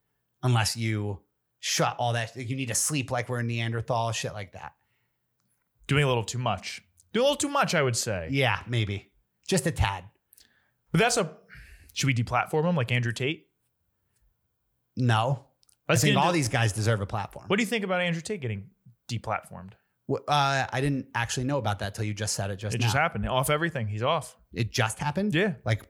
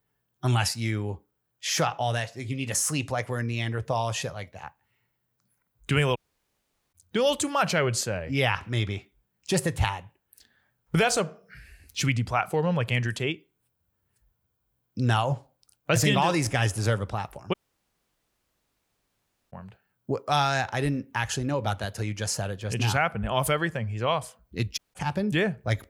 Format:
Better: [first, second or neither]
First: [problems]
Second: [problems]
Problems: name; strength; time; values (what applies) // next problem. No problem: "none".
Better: first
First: none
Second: audio cutting out; at 6 s for 1 s, at 18 s for 2 s and at 25 s